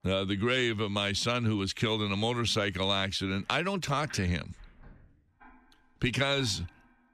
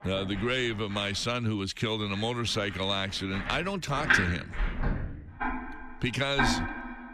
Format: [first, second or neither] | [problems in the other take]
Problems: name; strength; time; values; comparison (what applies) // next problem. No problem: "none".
first | household noises; loud; throughout; 2 dB below the speech; faint in the first